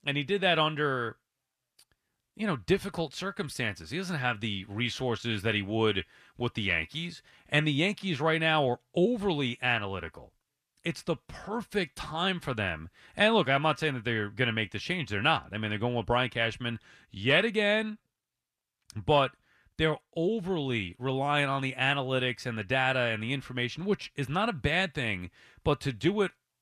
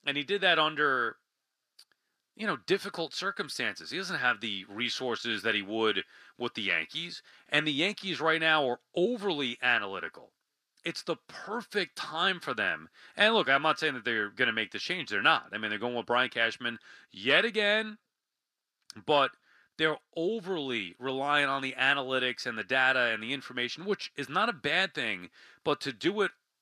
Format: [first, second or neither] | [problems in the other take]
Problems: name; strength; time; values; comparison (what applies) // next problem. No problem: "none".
first | thin; somewhat; fading below 300 Hz